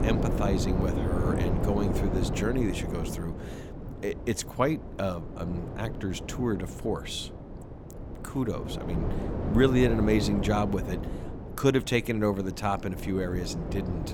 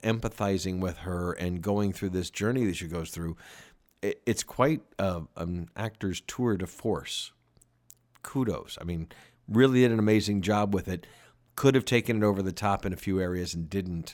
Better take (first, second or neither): second